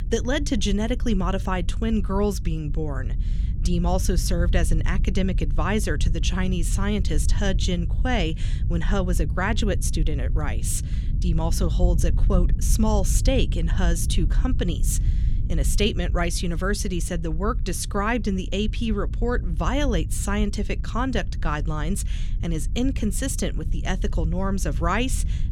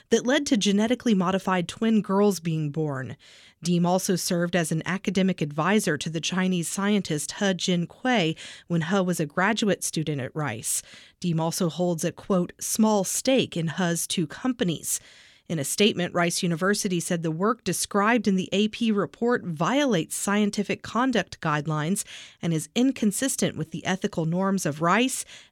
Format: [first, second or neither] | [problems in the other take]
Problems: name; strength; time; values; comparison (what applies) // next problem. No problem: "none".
second | low rumble; noticeable; throughout; 15 dB below the speech